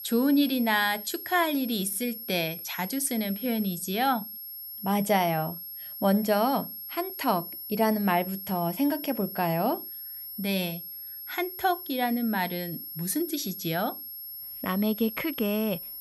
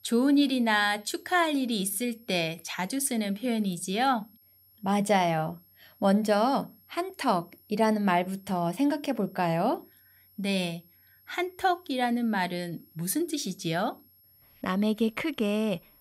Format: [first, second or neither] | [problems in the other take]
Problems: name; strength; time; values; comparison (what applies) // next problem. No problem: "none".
second | high-pitched whine; loud; throughout; 11.5 kHz, 9 dB below the speech; faint in the second